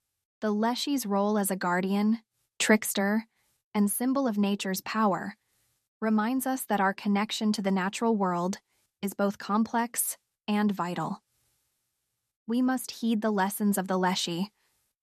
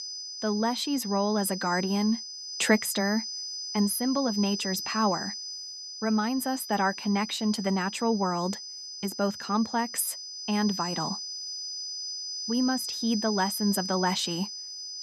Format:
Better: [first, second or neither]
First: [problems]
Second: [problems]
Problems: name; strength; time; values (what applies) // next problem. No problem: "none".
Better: first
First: none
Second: high-pitched whine; loud; throughout; 5 kHz, 6 dB below the speech